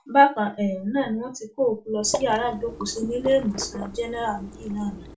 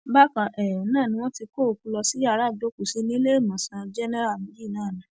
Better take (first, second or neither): second